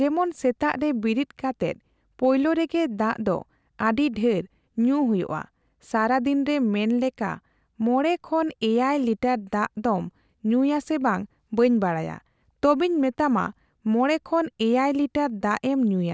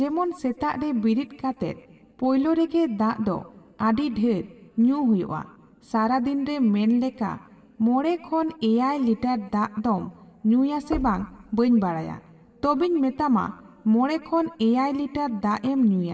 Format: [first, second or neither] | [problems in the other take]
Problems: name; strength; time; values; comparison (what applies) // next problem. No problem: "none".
first | background sound (Knock); 16 dB below the speech // room echo; dies away in 1.6 s